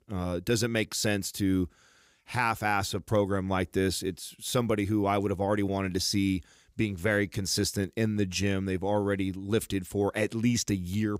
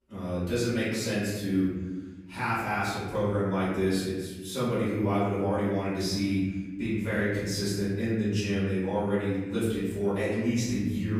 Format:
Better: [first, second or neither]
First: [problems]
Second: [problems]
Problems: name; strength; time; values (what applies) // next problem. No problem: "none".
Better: first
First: none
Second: room echo; strong; dies away in 1.3 s // off-mic speech; far